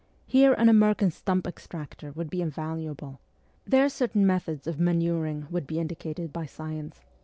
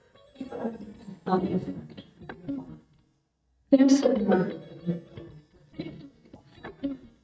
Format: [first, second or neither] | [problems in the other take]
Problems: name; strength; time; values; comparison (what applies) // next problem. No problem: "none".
first | noise reduction (neural mask model DeepFilterNet 3)